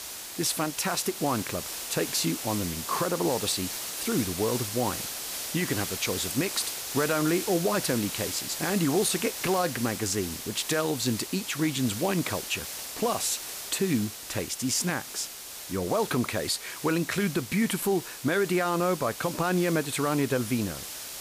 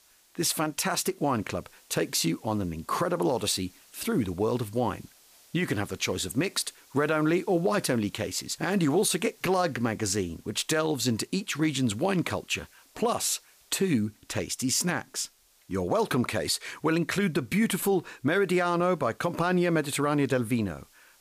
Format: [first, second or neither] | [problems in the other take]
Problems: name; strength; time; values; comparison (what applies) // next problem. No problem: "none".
second | hiss; loud; throughout; 6 dB below the speech; faint in the second